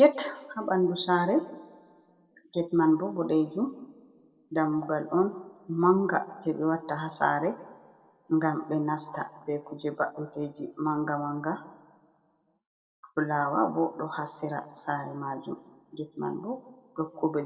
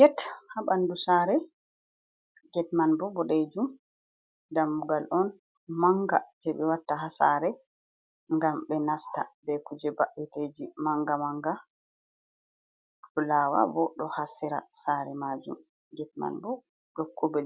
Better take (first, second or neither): second